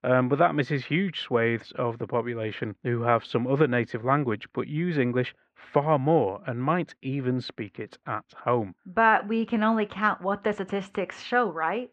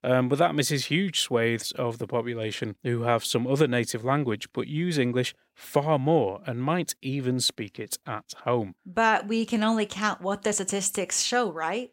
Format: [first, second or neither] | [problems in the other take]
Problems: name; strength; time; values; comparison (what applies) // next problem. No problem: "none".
second | muffled; very; fading above 2.5 kHz